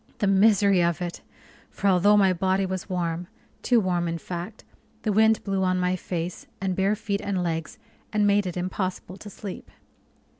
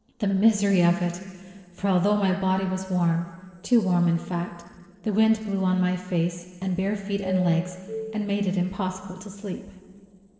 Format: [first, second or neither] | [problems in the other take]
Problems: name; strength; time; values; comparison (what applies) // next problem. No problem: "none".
first | noise reduction (neural separator model SepFormer DNS4)